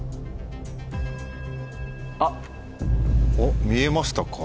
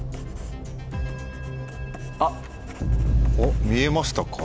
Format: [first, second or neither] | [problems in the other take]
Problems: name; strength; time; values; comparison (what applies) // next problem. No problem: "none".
first | background sound (Writing); 19 dB below the speech